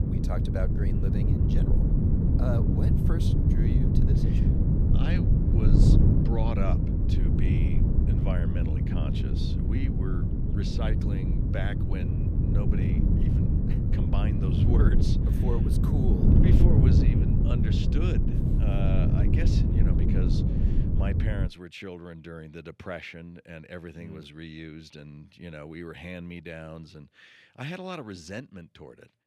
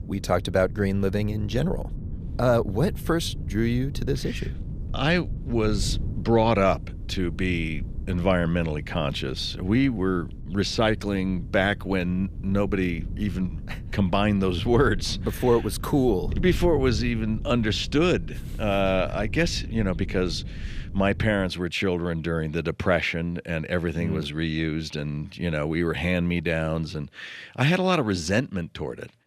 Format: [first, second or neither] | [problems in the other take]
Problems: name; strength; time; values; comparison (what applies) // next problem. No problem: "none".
second | wind noise on the microphone; heavy; until 21 s; 4 dB above the speech; occasional gusts in the second